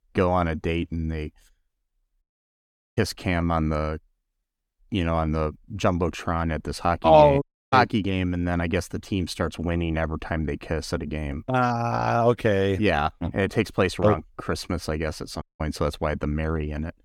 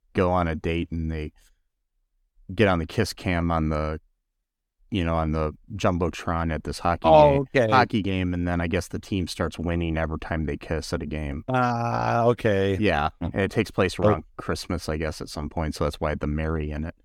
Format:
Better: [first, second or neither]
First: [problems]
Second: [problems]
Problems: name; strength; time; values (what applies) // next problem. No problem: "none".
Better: second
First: audio cutting out; at 2 s for 1 s, at 7.5 s and at 15 s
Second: none